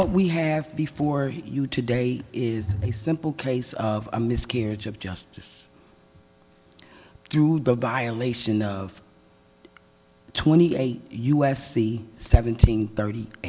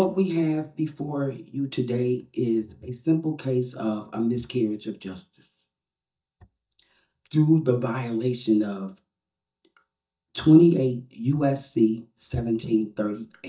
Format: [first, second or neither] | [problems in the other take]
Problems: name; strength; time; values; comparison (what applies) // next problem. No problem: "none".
first | noise reduction (neural mask model DeepFilterNet 3)